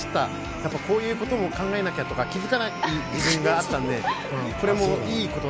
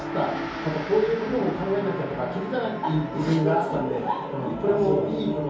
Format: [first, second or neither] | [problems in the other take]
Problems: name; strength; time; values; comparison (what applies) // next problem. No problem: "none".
first | background sound (Gong); 16 dB below the speech // room echo; dies away in 0.6 s